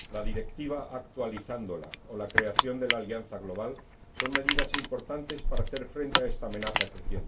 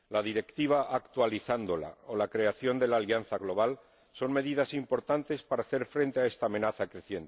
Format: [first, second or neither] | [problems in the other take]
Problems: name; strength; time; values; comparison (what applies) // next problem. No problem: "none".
second | background sound (Crushing); 4 dB above the speech // room echo; dies away in 0.2 s